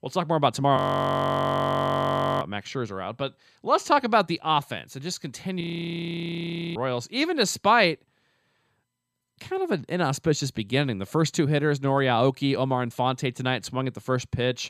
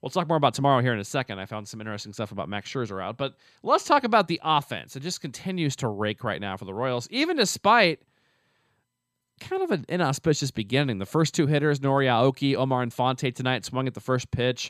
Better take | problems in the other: second | audio freezing; at 1 s for 1.5 s and at 5.5 s for 1 s

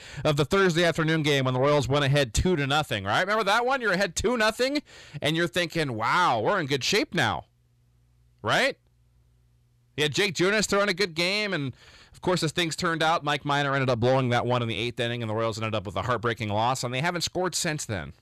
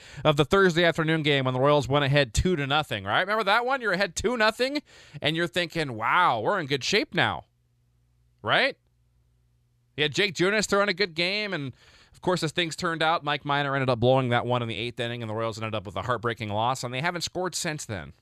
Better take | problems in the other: second | distortion; slight; 10 dB below the speech

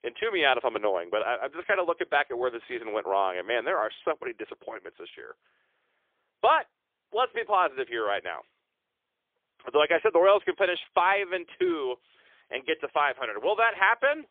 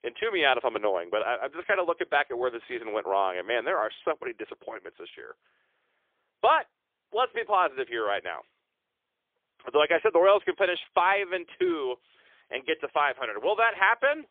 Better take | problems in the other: neither | phone-call audio; poor line; nothing above 3.5 kHz; the same in both

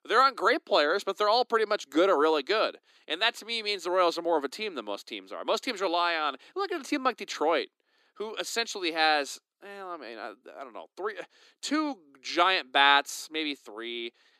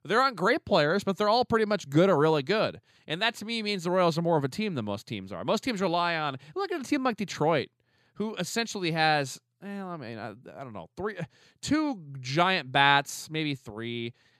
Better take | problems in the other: second | thin; somewhat; fading below 300 Hz

